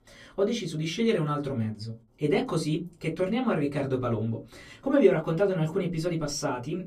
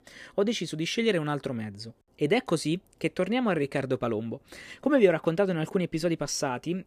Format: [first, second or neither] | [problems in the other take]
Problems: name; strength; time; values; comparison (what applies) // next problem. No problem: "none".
second | off-mic speech; far // room echo; very slight; dies away in 0.2 s